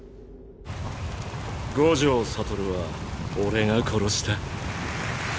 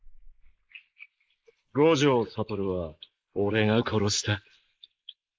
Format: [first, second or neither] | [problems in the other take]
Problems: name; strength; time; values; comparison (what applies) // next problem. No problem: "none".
first | noise reduction (neural mask model Resemble Enhance denoiser)